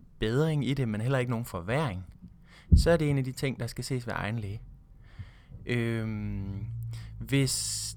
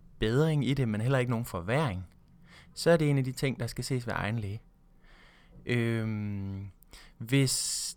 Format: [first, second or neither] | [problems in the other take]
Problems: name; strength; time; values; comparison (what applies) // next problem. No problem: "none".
second | low rumble; noticeable; throughout; 15 dB below the speech